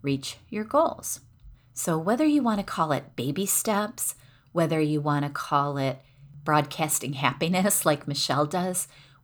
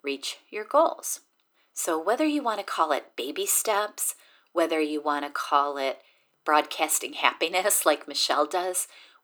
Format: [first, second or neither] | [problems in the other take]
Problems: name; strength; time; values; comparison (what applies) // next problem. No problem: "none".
first | thin; somewhat; fading below 350 Hz